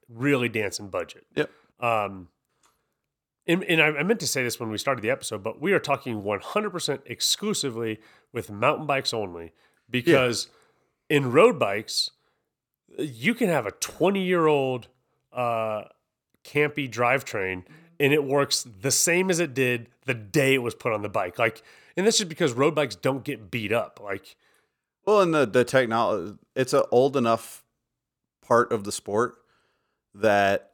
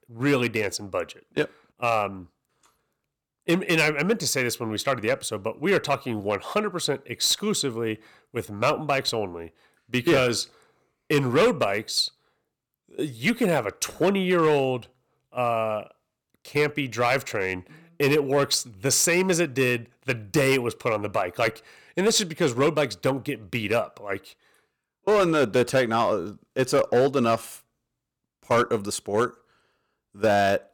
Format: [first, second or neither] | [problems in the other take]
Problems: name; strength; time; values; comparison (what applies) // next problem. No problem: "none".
first | distortion; slight; 3% of the sound clipped